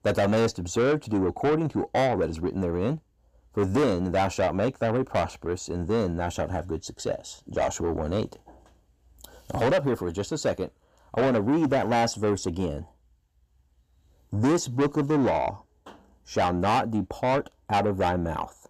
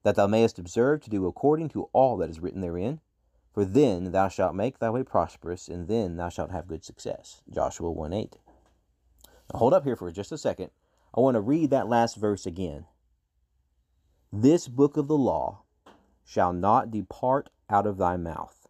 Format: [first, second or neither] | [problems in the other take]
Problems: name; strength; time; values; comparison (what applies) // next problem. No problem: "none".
second | distortion; heavy; 6 dB below the speech